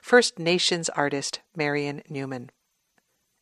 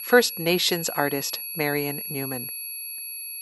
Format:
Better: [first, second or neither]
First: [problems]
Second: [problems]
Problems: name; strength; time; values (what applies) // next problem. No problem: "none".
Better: first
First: none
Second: high-pitched whine; loud; throughout; 11.5 kHz, 6 dB below the speech